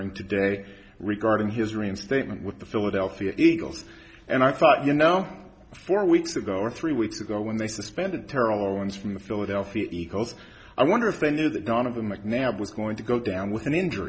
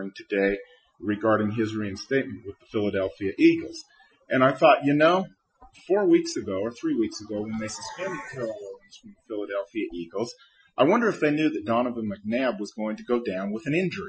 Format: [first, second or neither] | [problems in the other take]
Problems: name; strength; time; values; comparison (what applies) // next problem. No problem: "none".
first | noise reduction (classical method Wiener filter)